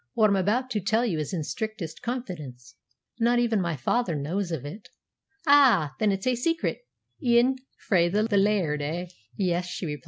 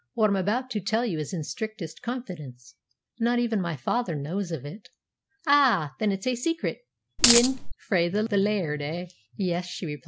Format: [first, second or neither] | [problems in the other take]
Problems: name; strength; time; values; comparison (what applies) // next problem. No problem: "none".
first | background sound (Coin (dropping)); 5 dB above the speech